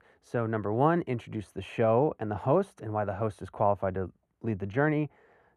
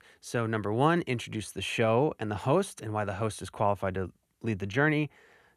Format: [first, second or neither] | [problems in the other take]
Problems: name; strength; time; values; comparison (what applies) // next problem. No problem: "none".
second | muffled; very; fading above 2 kHz